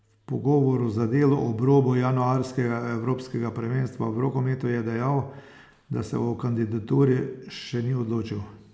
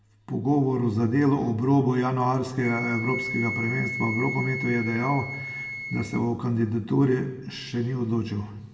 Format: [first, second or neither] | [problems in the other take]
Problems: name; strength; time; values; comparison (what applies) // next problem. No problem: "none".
first | background sound (Wind instrument, woodwind instrument); 11 dB below the speech // room echo; dies away in 1.3 s